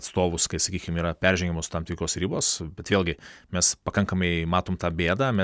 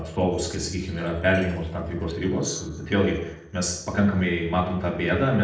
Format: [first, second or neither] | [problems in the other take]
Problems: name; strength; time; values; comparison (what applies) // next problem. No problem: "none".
first | noise reduction (neural separator model SepFormer DNS4)